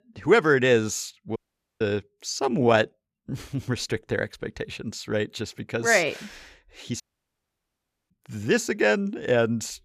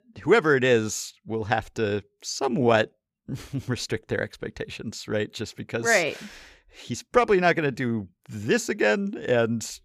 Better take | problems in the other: second | audio cutting out; at 1.5 s and at 7 s for 1 s

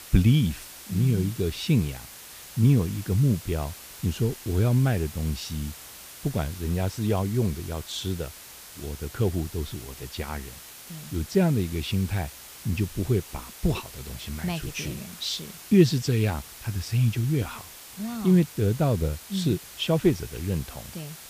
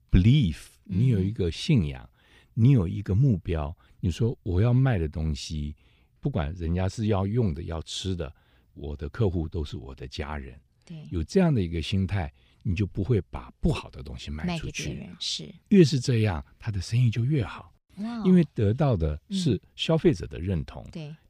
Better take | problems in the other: second | hiss; noticeable; throughout; 15 dB below the speech

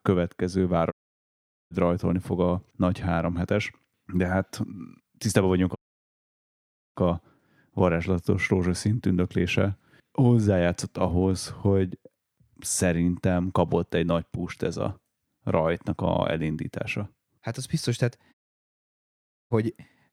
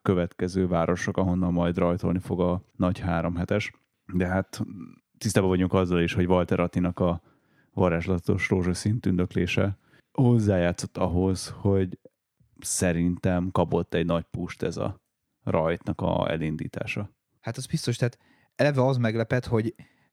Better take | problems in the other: second | audio cutting out; at 1 s for 1 s, at 6 s for 1 s and at 18 s for 1 s

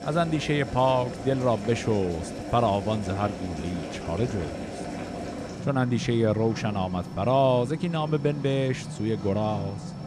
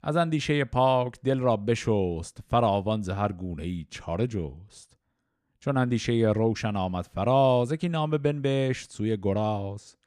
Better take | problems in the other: second | household noises; loud; throughout; 9 dB below the speech

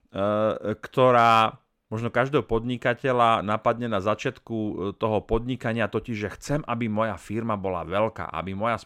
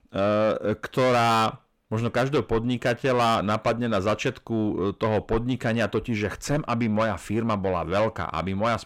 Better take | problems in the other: first | distortion; heavy; 7 dB below the speech

